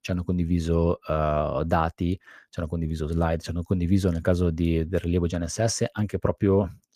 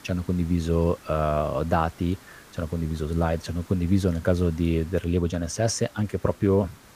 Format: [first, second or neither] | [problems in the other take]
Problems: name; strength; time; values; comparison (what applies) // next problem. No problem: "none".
first | hiss; faint; throughout; 25 dB below the speech